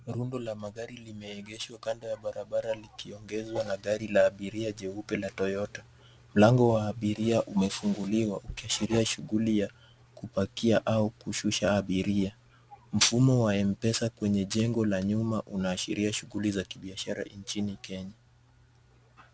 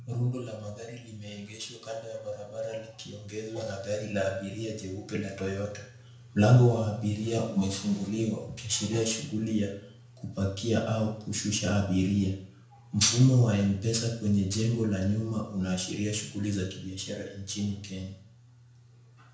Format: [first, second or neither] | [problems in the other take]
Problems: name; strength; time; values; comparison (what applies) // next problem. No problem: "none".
first | room echo; dies away in 0.5 s